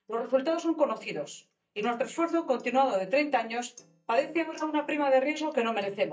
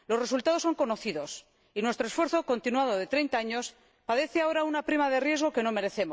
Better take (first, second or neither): second